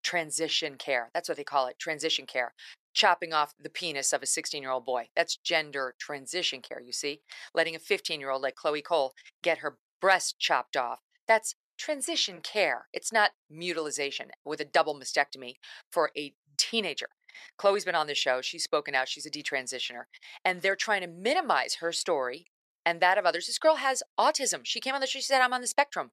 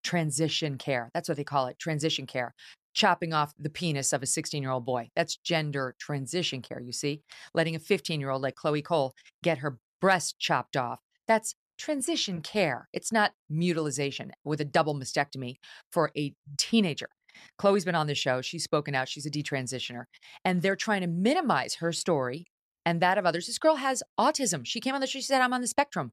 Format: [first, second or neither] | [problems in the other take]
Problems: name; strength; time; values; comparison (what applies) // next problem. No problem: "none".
second | thin; very; fading below 500 Hz